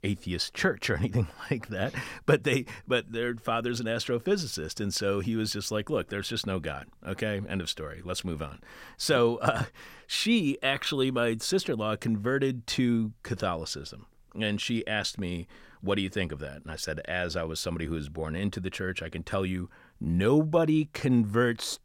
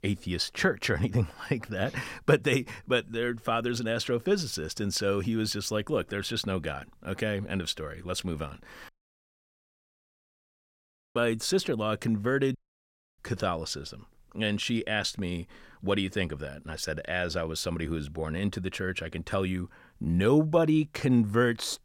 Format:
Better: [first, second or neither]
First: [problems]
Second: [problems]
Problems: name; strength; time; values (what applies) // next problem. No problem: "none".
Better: first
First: none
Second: audio cutting out; at 9 s for 2.5 s and at 13 s for 0.5 s